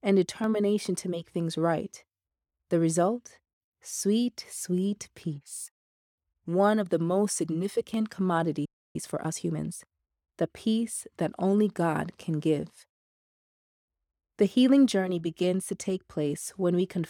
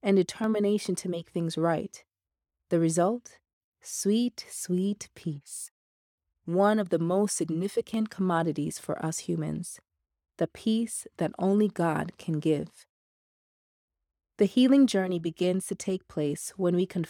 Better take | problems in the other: second | audio freezing; at 8.5 s

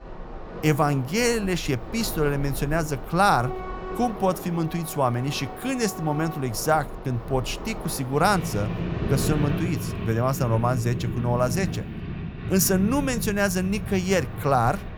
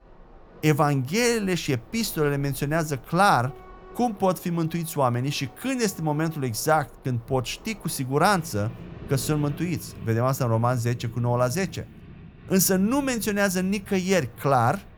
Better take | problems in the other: second | train or aircraft noise; loud; throughout; 8 dB below the speech; faint in the second

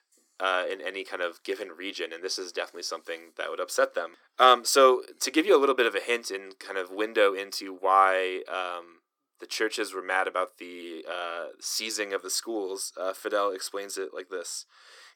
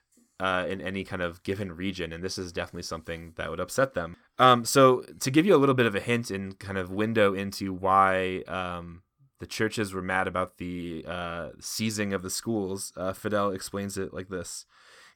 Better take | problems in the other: second | thin; somewhat; fading below 350 Hz

